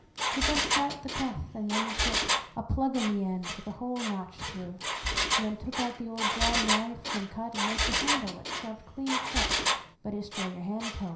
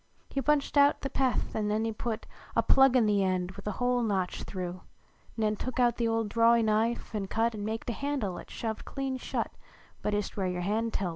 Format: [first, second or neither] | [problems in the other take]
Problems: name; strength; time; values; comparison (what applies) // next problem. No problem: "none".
second | background sound (Engine); 2 dB above the speech // room echo; dies away in 0.5 s